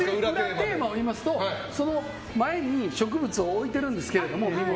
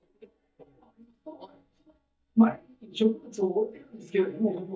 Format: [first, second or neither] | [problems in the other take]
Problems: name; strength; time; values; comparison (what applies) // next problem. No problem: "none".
first | noise reduction (neural mask model DeepFilterNet 3)